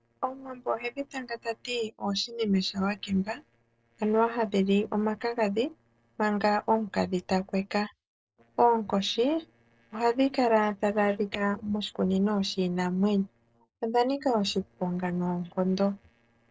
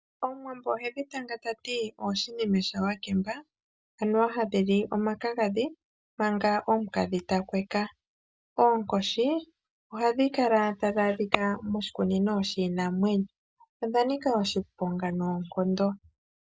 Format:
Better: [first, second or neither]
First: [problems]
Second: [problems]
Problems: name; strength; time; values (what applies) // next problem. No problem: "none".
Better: second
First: noise reduction (neural separator model SepFormer DNS4)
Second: none